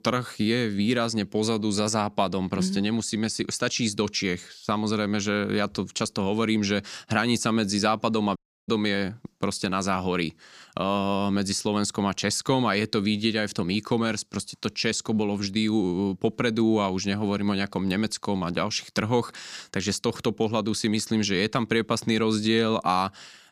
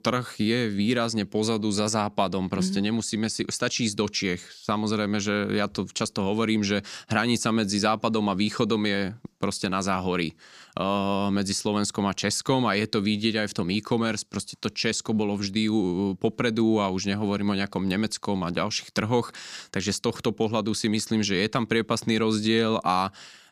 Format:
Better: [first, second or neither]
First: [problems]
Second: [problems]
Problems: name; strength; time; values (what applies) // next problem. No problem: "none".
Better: second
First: audio cutting out; at 8.5 s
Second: none